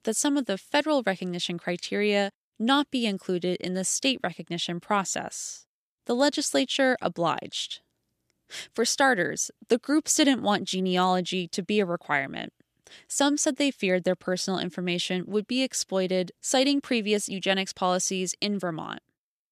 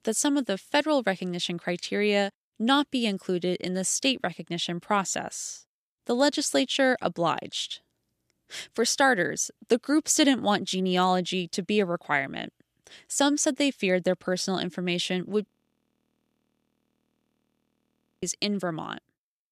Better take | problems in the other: first | audio freezing; at 15 s for 2.5 s

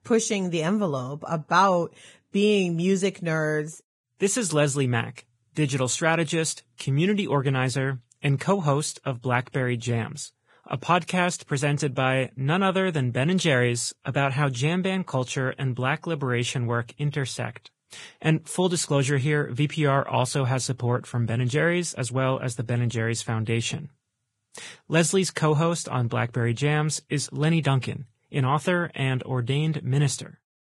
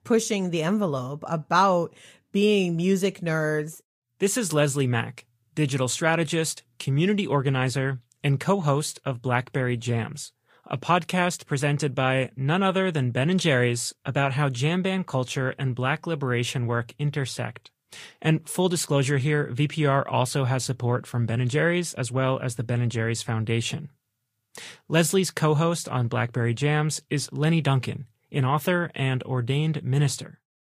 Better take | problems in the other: second | garbled, watery; badly; nothing above 10.5 kHz; slightly in the second

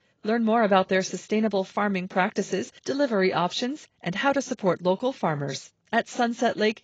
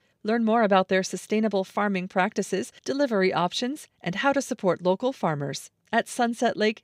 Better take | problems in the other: second | garbled, watery; badly; nothing above 7.5 kHz

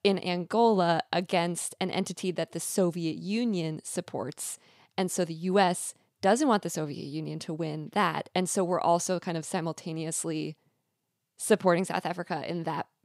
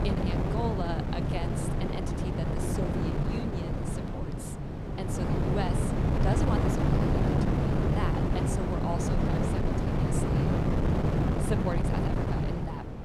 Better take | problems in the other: first | wind noise on the microphone; heavy; 4 dB above the speech

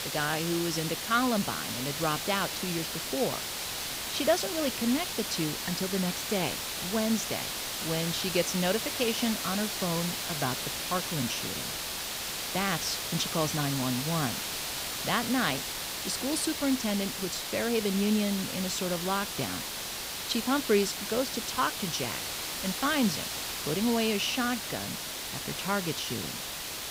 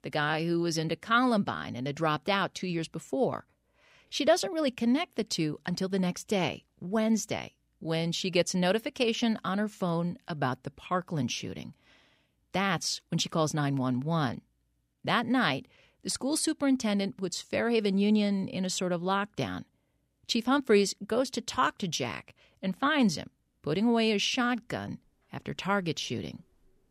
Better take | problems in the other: second | hiss; loud; throughout; 2 dB below the speech

